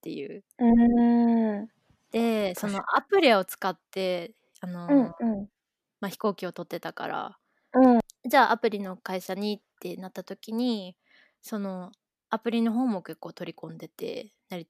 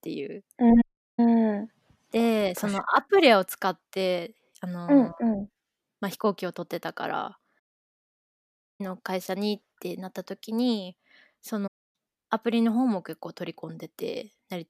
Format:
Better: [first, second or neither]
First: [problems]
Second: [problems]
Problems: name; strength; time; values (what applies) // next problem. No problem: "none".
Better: first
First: none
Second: audio cutting out; at 1 s, at 7.5 s for 1 s and at 12 s